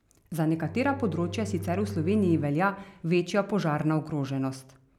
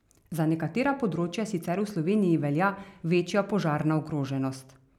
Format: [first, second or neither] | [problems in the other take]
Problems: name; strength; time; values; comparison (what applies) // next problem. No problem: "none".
second | background sound (Bowed string instrument); 10 dB below the speech